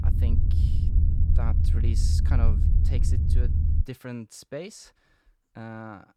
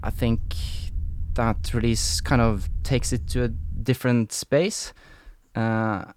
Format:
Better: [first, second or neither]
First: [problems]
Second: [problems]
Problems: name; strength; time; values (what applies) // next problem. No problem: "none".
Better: second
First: low rumble; loud; until 4 s; as loud as the speech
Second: low rumble; faint; until 4 s; 25 dB below the speech